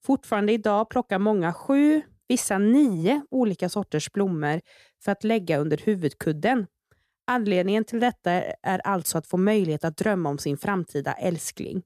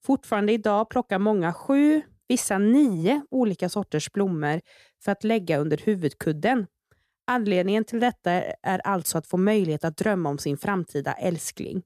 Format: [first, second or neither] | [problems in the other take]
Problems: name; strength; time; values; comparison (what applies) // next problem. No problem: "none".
neither | none